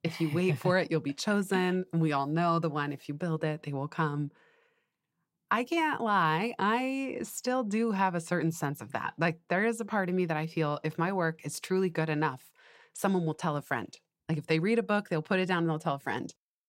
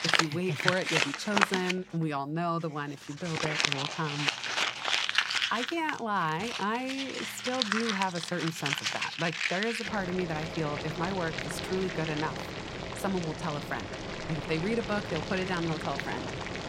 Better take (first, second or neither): first